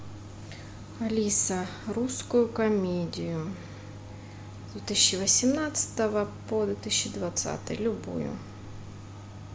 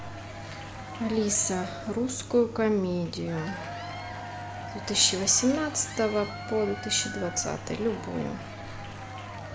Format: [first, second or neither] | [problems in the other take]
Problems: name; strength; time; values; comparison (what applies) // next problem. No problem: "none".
first | background sound (Applause / Crowd / Cheering); 12 dB below the speech